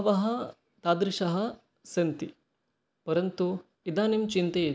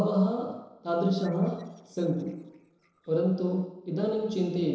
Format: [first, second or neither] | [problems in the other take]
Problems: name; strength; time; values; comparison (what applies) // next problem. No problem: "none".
first | noise reduction (neural separator model SepFormer DNS4)